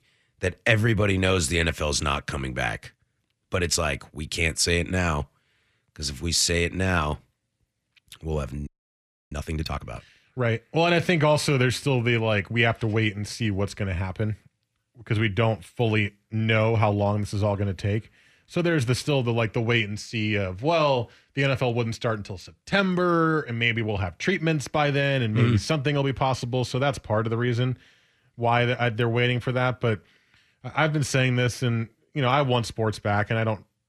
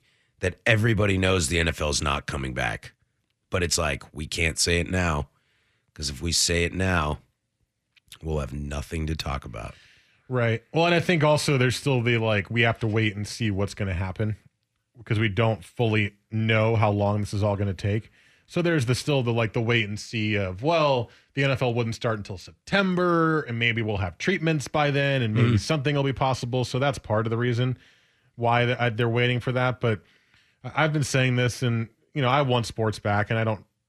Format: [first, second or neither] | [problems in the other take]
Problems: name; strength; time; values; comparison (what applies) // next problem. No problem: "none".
second | audio freezing; at 8.5 s for 0.5 s